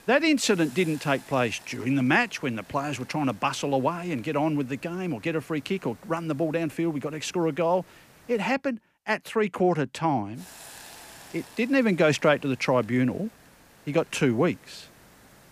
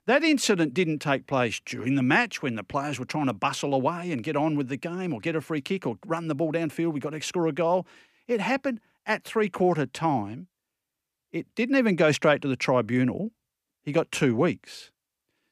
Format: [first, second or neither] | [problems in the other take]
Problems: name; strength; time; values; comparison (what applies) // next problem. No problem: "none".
second | hiss; faint; until 8.5 s and from 10 s on; 25 dB below the speech